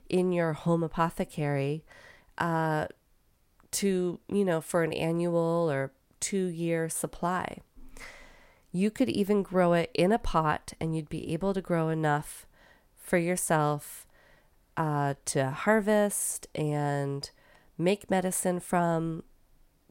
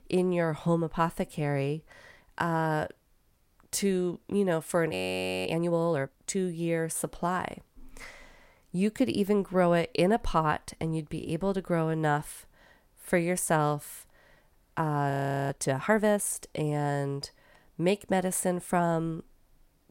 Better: first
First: none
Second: audio freezing; at 5 s for 0.5 s and at 15 s

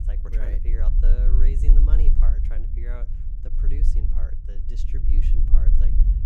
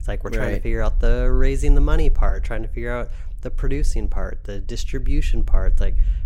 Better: second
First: low rumble; loud; throughout; 1 dB below the speech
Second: low rumble; faint; throughout; 20 dB below the speech

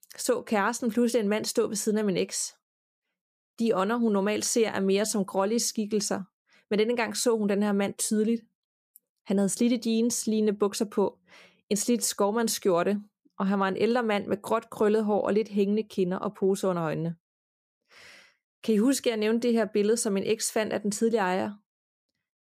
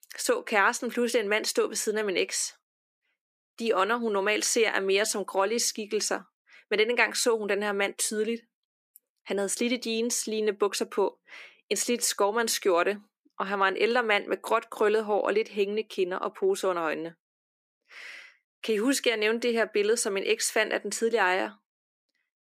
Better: first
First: none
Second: thin; somewhat; fading below 300 Hz

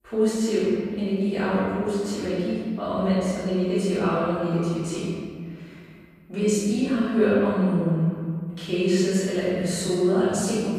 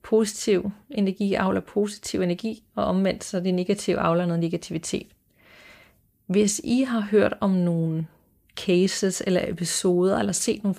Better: second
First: off-mic speech; far // room echo; strong; dies away in 2.1 s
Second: none

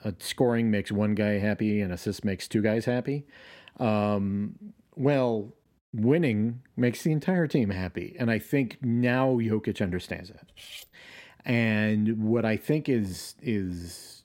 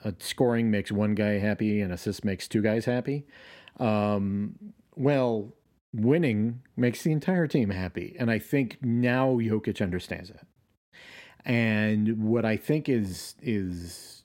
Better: second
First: clattering dishes; faint; at 10 s; peak 15 dB below the speech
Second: none

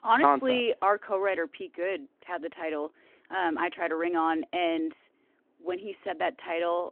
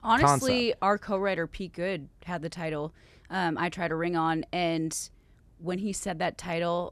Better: second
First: phone-call audio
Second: none

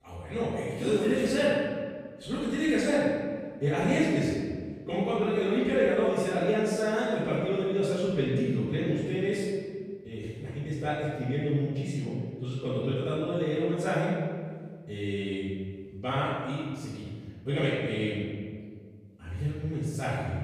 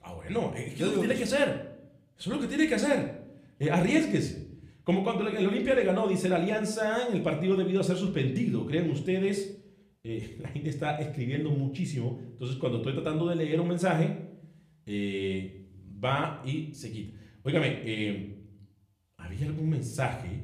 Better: second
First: room echo; strong; dies away in 1.6 s // off-mic speech; far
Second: room echo; slight; dies away in 0.5 s // off-mic speech; somewhat distant

